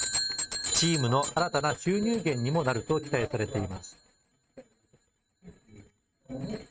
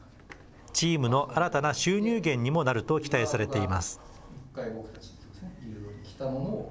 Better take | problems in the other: second | noise reduction (neural mask model RNNoise)

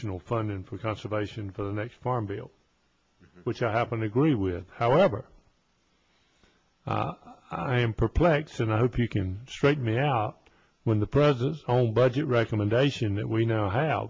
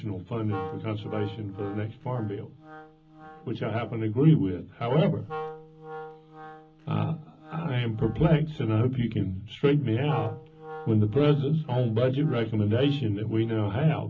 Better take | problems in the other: first | background sound (Wind instrument, woodwind instrument); 17 dB below the speech // room echo; dies away in 0.4 s

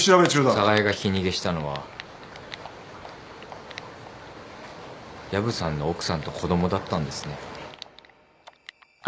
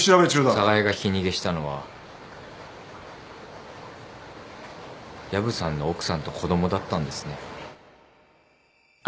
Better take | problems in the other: second | background sound (Typing); 19 dB below the speech

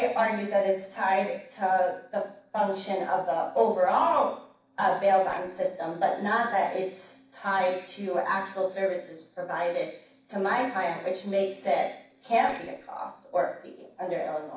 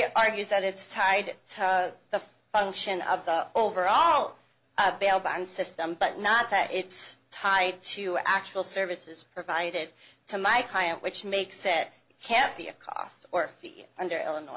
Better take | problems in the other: second | noise reduction (neural separator model SepFormer DNS4)

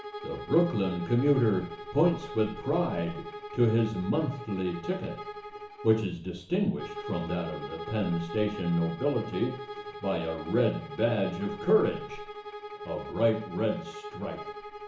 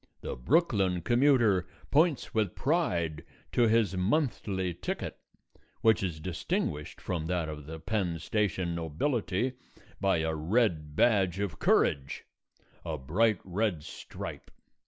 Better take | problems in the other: second | background sound (Bowed string instrument); 11 dB below the speech // room echo; dies away in 0.7 s

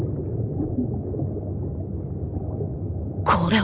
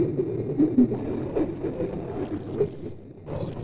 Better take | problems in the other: first | noise reduction (neural separator model SepFormer DNS4)

